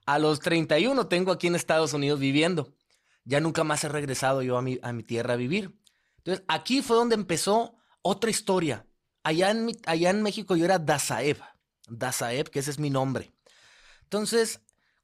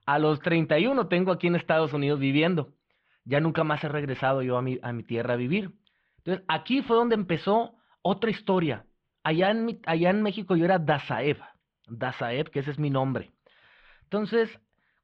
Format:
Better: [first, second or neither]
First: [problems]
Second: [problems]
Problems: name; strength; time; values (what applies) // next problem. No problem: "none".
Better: first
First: none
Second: muffled; very; fading above 3.5 kHz